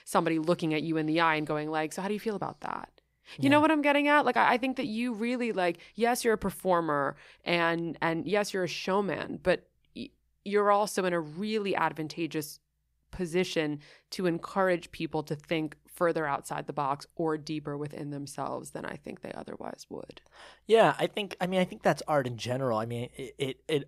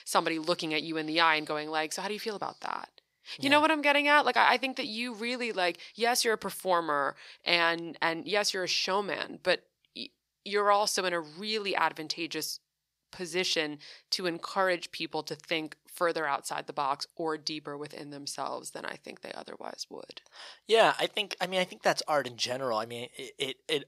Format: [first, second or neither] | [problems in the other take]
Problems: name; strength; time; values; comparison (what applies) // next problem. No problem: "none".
first | thin; very slightly; fading below 600 Hz